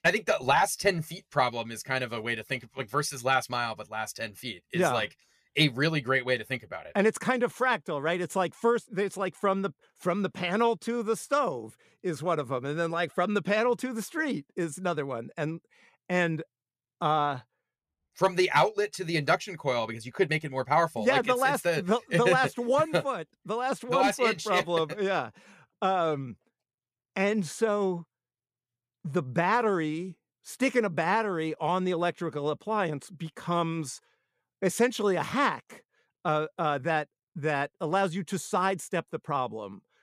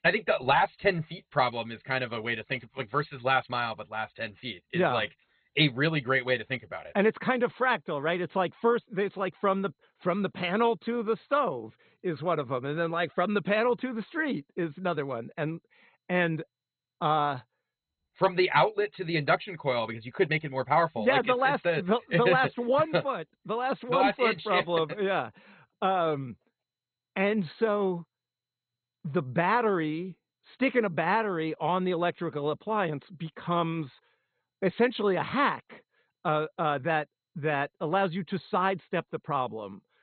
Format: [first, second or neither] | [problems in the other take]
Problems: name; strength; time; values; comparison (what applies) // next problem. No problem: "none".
first | garbled, watery; badly; nothing above 4 kHz